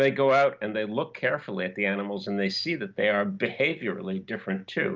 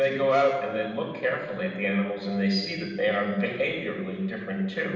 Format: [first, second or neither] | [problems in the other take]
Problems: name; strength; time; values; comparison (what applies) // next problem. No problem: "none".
first | room echo; dies away in 1.2 s